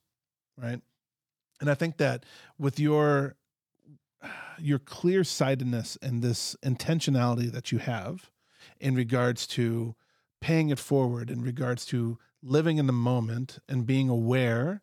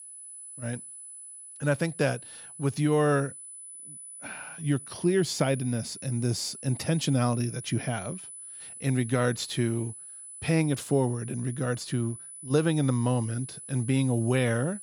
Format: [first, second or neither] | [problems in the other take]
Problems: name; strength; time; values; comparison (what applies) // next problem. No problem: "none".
first | high-pitched whine; noticeable; throughout; 10 kHz, 15 dB below the speech